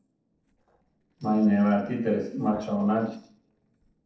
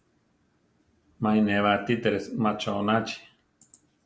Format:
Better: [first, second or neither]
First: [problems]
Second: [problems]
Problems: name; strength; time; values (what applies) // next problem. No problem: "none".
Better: second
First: noise reduction (neural separator model SepFormer DNS4)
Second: none